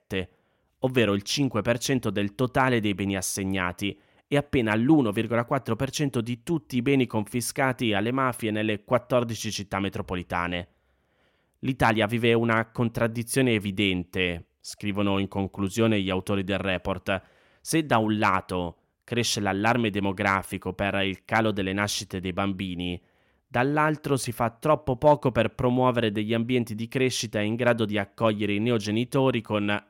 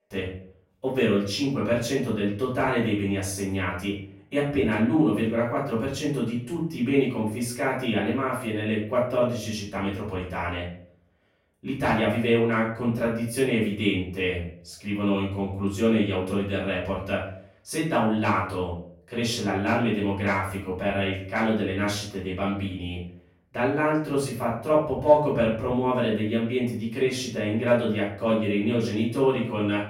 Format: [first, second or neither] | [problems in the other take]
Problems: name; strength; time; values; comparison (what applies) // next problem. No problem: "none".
first | off-mic speech; far // room echo; noticeable; dies away in 0.5 s